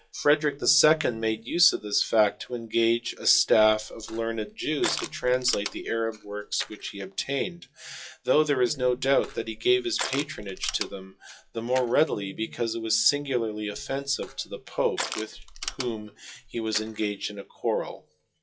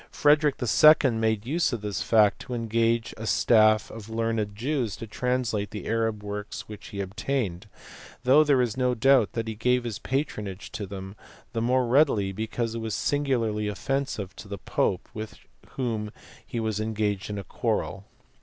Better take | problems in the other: second | noise reduction (classical method WPE with log-MMSE)

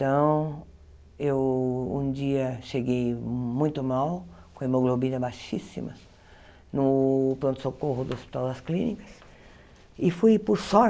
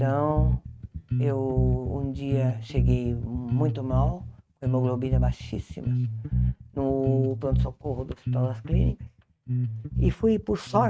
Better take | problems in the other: first | noise reduction (neural mask model RNNoise)

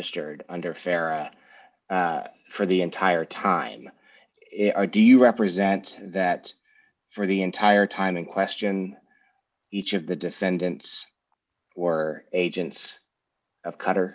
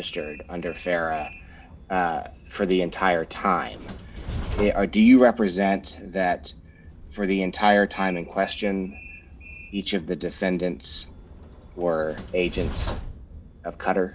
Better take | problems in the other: first | background sound (Train); 13 dB below the speech

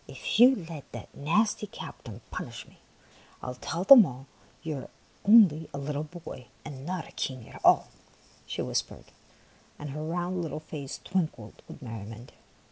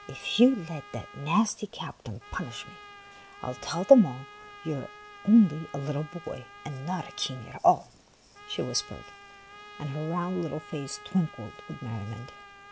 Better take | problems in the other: first | background sound (Trumpet); 19 dB below the speech

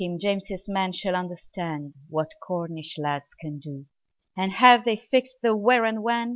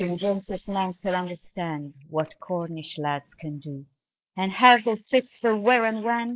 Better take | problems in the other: first | noise reduction (neural mask model Resemble Enhance denoiser)

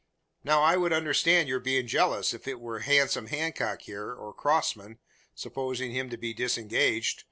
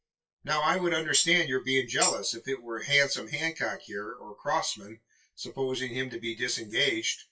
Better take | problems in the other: first | noise reduction (classical method WPE with log-MMSE)

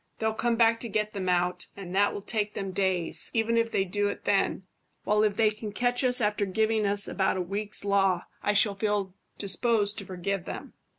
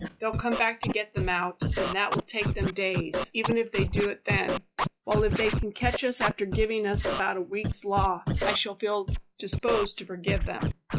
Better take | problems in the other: first | noise reduction (classical method log-MMSE)

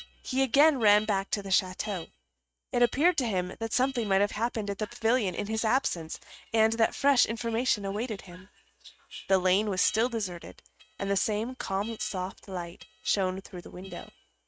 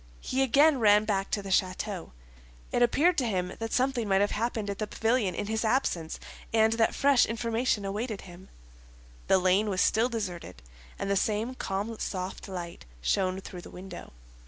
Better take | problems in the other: second | noise reduction (neural mask model RNNoise)

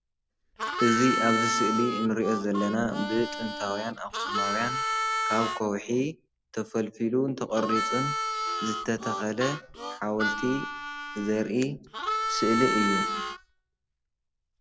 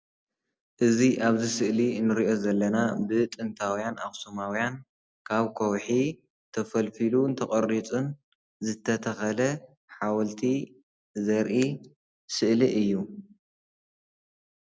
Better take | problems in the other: second | background sound (Harmonica); 2 dB below the speech

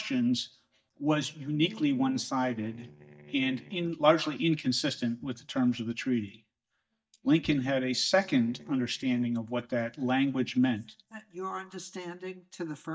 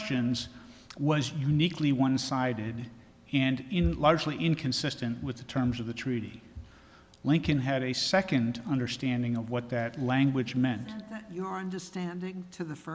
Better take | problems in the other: second | noise reduction (neural mask model DeepFilterNet 3)

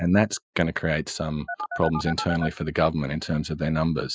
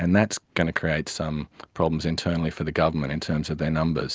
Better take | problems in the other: second | noise reduction (classical method Wiener filter)

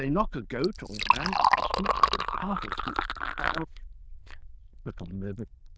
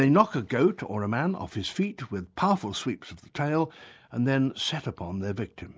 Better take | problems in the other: second | noise reduction (neural diffusion model UNIVERSE++)

